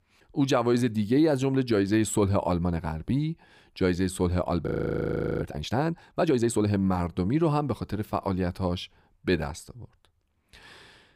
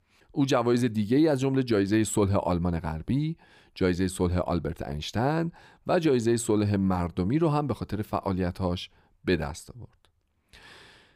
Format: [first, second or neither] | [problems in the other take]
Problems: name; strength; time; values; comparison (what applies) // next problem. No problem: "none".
second | audio freezing; at 4.5 s for 0.5 s